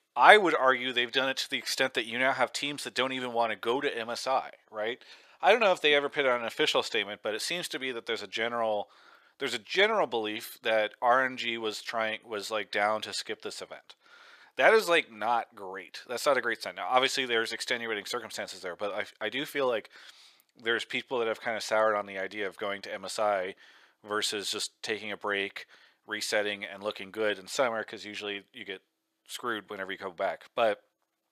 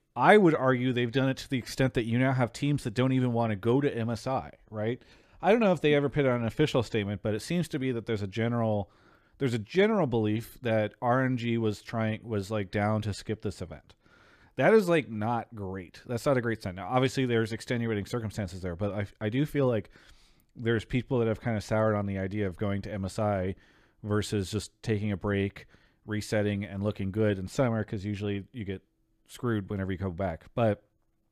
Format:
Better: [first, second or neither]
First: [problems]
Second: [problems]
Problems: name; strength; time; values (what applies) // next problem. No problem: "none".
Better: second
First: thin; very; fading below 650 Hz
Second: none